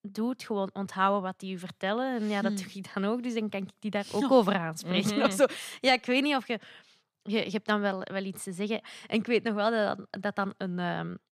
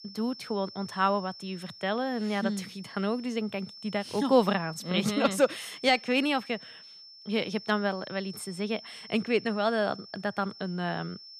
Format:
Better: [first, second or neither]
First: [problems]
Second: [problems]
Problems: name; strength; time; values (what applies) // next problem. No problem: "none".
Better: first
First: none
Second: high-pitched whine; noticeable; throughout; 5.5 kHz, 15 dB below the speech